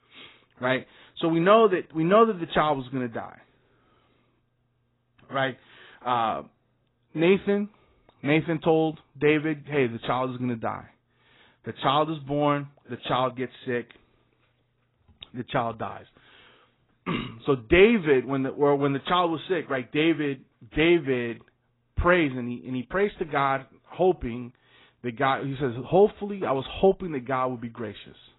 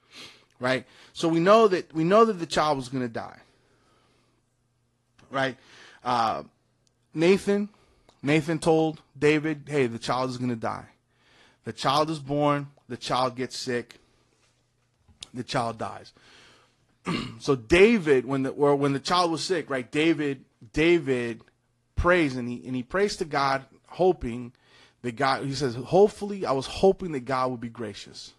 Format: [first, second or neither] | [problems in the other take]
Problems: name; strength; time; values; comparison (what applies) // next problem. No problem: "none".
second | garbled, watery; badly; nothing above 4 kHz; slightly in the second